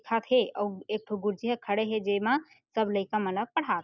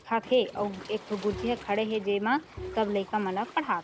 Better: first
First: none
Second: background sound (Bowed string instrument + Waves, surf); 15 dB below the speech

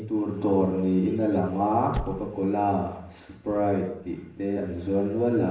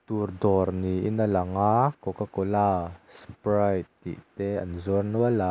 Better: second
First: background sound (Squeak / Slam); 14 dB below the speech // room echo; dies away in 0.8 s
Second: none

